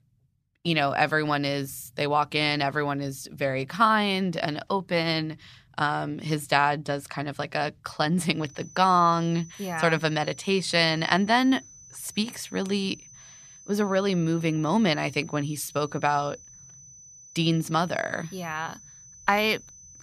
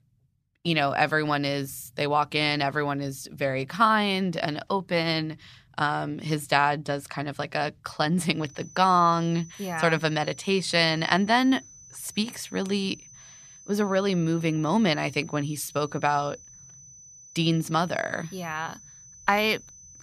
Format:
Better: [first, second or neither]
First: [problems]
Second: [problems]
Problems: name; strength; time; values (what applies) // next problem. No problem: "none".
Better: neither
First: high-pitched whine; faint; from 8.5 s on; 6 kHz, 20 dB below the speech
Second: high-pitched whine; faint; from 8.5 s on; 6 kHz, 20 dB below the speech